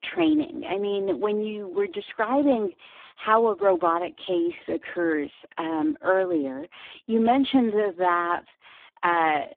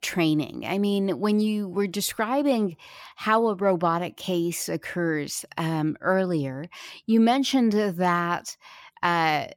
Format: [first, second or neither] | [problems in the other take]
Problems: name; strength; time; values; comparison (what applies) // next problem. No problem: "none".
second | phone-call audio; poor line